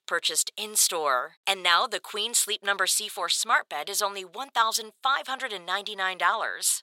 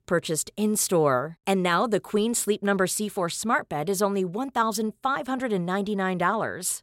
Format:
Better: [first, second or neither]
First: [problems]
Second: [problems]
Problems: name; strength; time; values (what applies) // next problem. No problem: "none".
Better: second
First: thin; very; fading below 950 Hz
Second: none